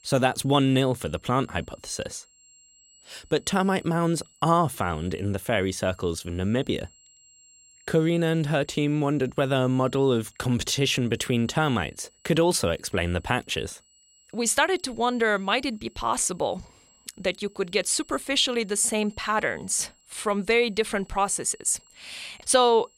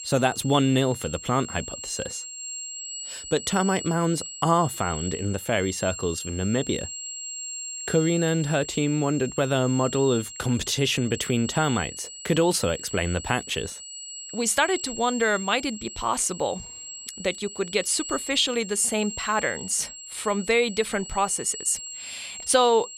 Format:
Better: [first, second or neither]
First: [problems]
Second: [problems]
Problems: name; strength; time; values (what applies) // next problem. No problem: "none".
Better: first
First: high-pitched whine; faint; throughout; 7.5 kHz, 30 dB below the speech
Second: high-pitched whine; loud; throughout; 7.5 kHz, 10 dB below the speech